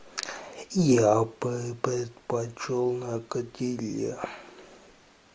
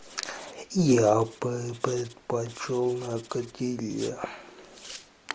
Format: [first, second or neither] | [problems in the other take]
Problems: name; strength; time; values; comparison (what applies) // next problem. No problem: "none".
first | background sound (Writing); 19 dB below the speech